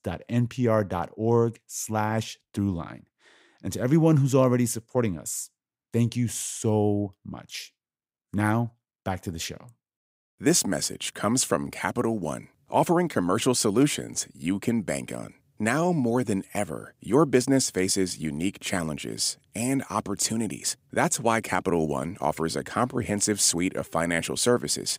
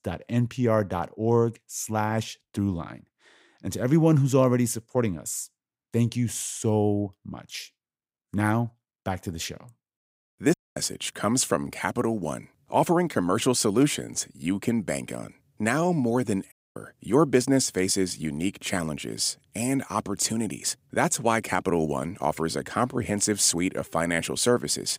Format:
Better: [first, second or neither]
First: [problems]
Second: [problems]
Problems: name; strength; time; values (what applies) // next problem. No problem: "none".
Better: first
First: none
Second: audio cutting out; at 11 s and at 17 s